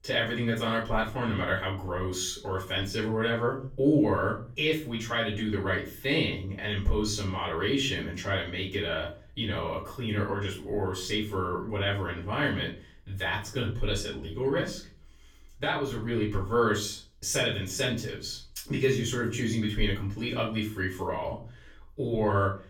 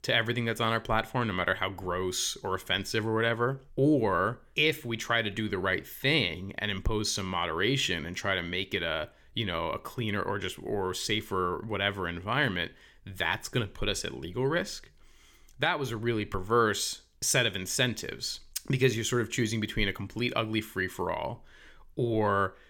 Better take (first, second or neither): second